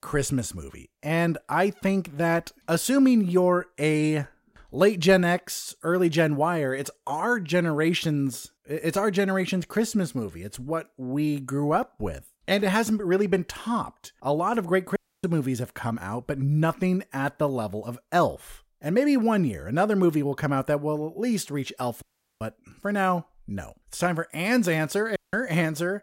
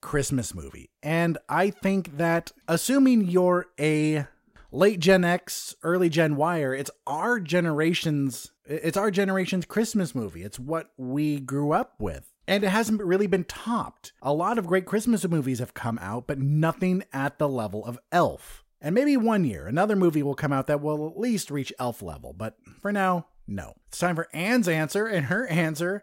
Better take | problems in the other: second | audio cutting out; at 15 s, at 22 s and at 25 s

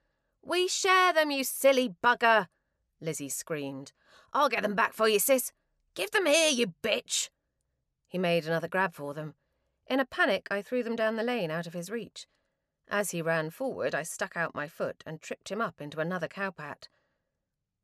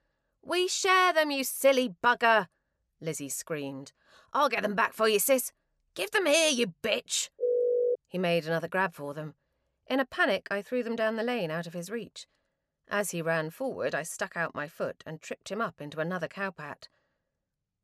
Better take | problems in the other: first | phone ringing; loud; at 7.5 s; peak 2 dB above the speech

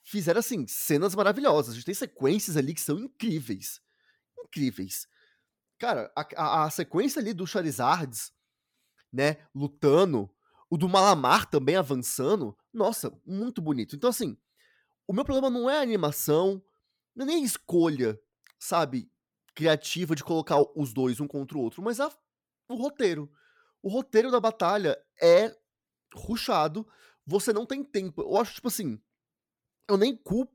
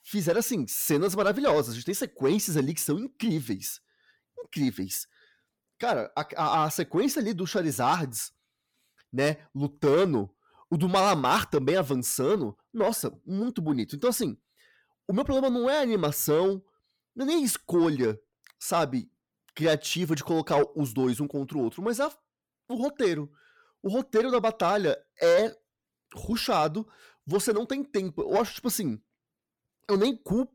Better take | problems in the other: first | distortion; slight; 10 dB below the speech

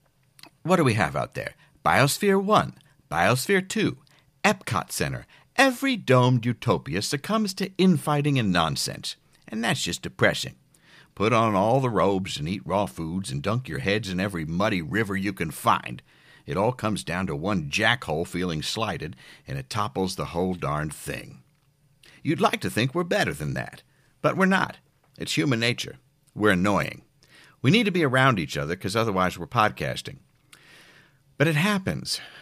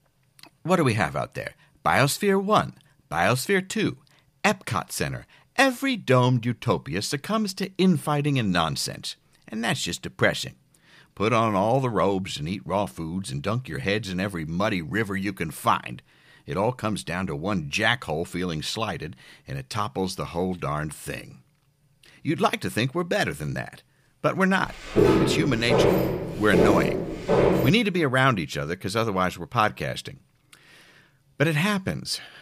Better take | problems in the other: first | footsteps; loud; from 25 to 28 s; peak 6 dB above the speech

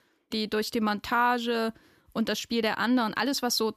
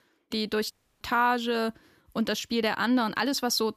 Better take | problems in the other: first | audio cutting out; at 0.5 s

